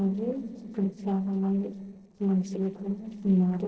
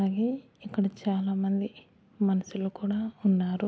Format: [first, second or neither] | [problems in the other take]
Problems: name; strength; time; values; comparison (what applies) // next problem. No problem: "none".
second | noise reduction (neural separator model SepFormer DNS4)